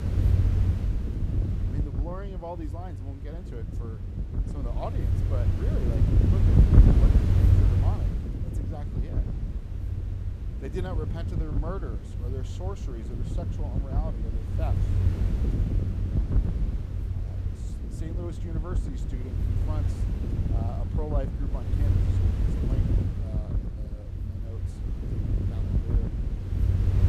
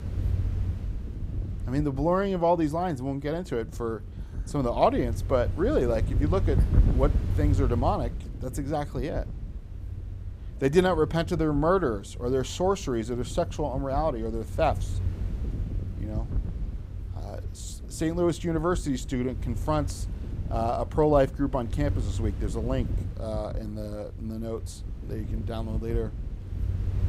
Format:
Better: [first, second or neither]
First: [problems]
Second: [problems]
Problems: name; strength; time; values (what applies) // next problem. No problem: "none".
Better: second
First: wind noise on the microphone; heavy; 2 dB above the speech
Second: wind noise on the microphone; occasional gusts; 20 dB below the speech